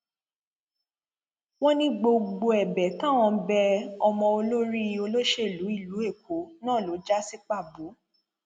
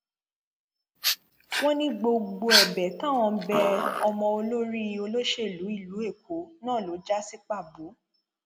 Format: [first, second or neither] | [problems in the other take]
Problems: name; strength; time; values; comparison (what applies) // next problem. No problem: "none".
first | background sound (Dog); as loud as the speech